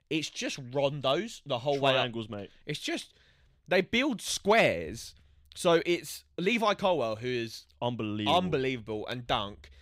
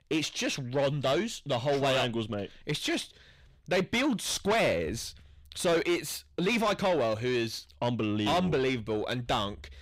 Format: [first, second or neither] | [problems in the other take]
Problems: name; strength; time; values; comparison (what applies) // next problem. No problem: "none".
first | distortion; heavy; 7 dB below the speech